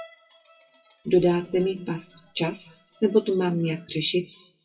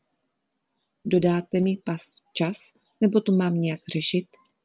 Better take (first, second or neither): second